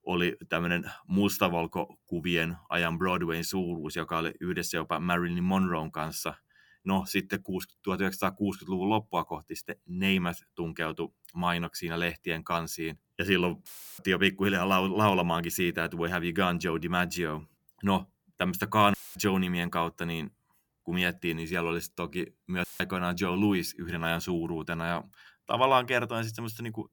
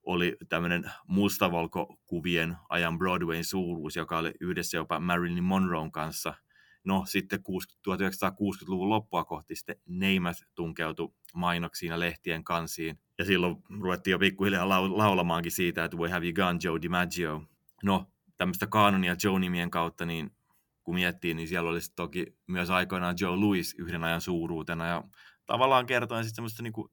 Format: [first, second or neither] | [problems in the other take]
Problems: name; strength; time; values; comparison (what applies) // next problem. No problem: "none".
second | audio cutting out; filled with static; at 14 s, at 19 s and at 23 s